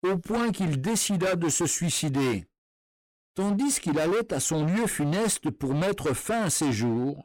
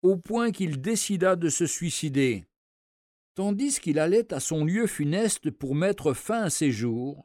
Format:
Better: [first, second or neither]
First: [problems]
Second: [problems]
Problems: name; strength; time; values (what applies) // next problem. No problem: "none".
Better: second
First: distortion; heavy; 27% of the sound clipped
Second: none